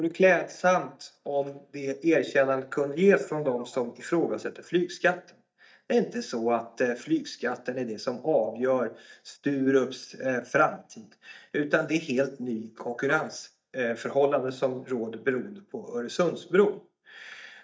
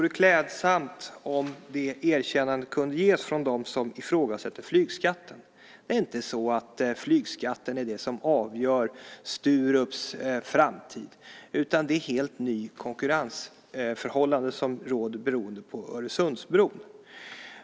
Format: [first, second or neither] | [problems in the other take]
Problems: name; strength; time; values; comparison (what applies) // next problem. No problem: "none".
second | noise reduction (neural mask model DeepFilterNet 3)